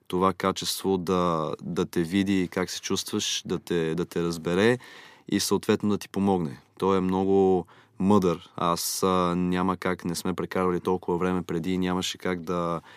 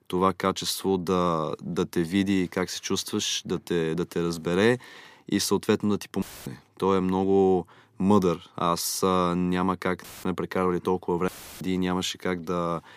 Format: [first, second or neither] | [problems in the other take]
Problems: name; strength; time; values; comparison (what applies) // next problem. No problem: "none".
first | audio cutting out; filled with static; at 6 s, at 10 s and at 11 s